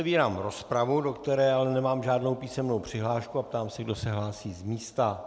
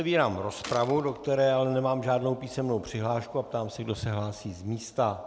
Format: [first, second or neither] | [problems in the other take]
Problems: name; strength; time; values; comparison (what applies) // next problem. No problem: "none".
first | background sound (Gunshot, gunfire); 17 dB below the speech